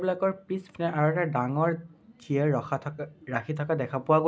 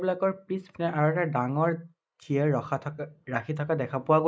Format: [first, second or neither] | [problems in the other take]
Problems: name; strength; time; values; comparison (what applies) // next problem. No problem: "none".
first | noise reduction (neural mask model Resemble Enhance denoiser)